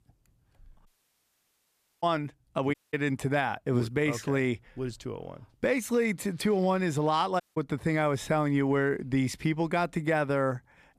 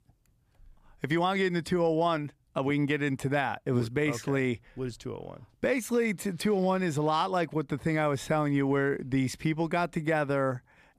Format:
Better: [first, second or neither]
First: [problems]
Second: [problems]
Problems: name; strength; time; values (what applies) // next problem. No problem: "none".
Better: second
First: audio cutting out; at 1 s for 1 s, at 2.5 s and at 7.5 s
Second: none